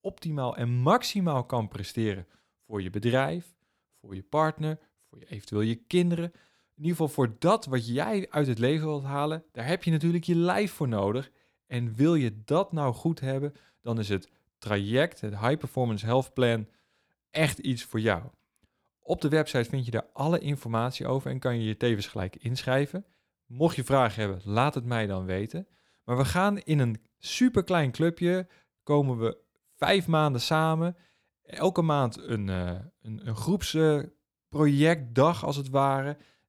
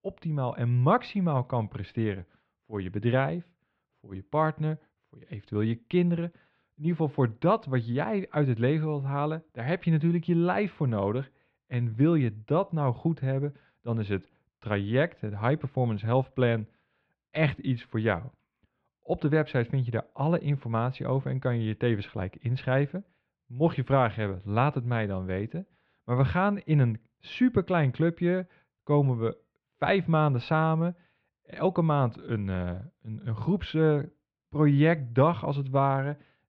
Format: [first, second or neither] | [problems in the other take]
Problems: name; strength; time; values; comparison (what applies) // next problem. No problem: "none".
first | muffled; very; fading above 3 kHz